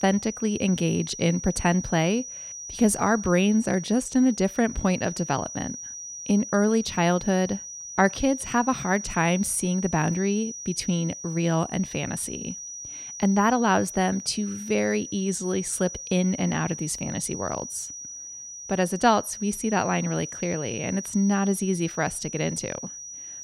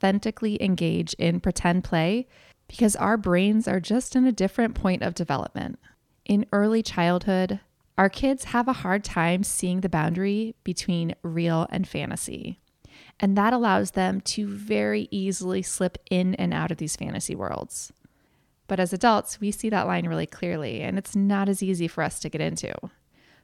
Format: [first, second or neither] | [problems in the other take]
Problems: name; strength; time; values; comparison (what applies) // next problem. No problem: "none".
second | high-pitched whine; noticeable; throughout; 6 kHz, 10 dB below the speech